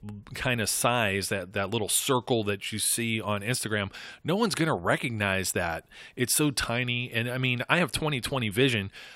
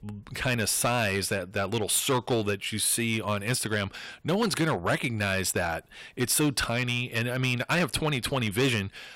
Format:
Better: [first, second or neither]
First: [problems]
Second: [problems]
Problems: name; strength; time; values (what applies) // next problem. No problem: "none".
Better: first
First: none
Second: distortion; slight; 5% of the sound clipped